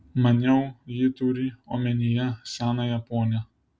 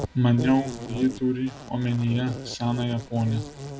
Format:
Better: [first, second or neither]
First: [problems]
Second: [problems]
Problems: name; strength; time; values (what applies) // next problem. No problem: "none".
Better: first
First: none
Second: background sound (Insect); 12 dB below the speech